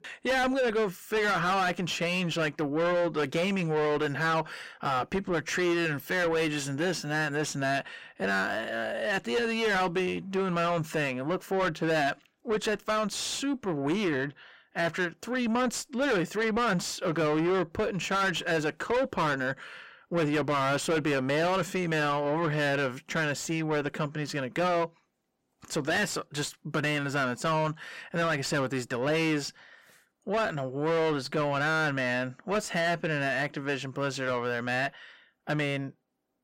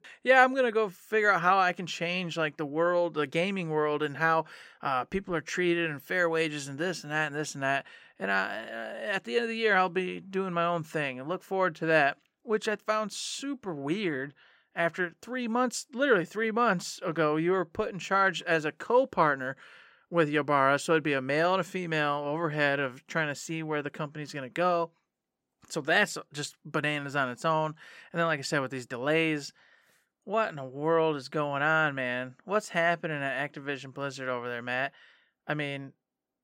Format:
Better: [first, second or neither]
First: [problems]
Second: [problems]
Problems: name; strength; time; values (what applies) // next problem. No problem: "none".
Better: second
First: distortion; heavy; 6 dB below the speech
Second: none